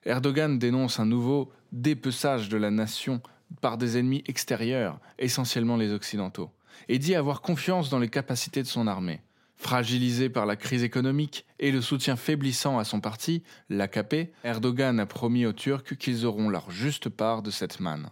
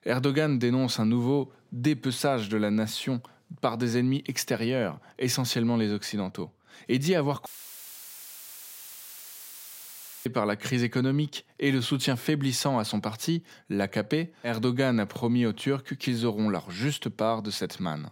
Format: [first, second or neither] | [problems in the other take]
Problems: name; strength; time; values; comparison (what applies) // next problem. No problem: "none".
first | audio cutting out; filled with static; at 7.5 s for 3 s